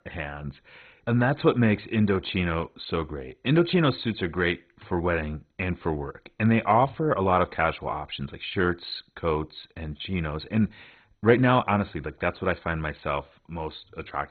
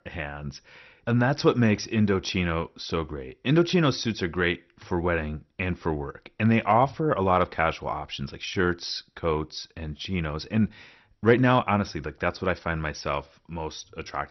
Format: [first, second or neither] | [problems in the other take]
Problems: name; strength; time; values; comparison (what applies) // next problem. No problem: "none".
second | garbled, watery; badly; nothing above 4 kHz; slightly in the second